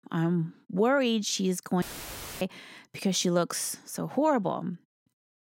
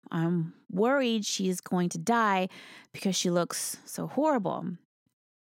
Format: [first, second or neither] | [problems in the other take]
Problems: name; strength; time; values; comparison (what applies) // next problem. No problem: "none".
second | audio cutting out; filled with static; at 2 s for 0.5 s